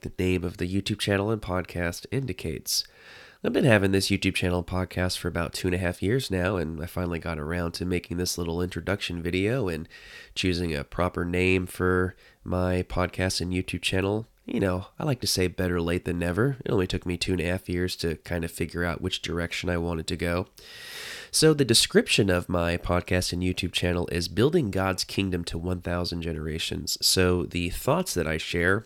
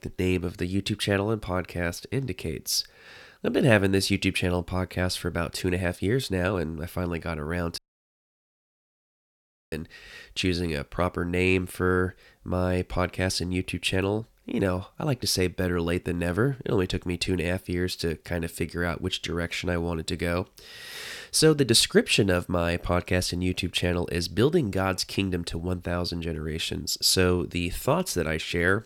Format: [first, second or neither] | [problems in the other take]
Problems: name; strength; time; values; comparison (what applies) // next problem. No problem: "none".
first | audio cutting out; at 8 s for 2 s